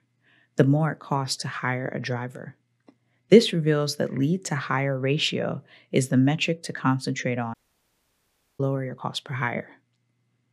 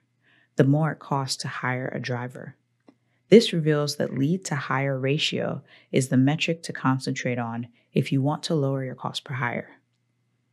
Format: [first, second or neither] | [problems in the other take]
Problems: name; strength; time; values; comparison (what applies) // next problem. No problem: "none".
second | audio cutting out; at 7.5 s for 1 s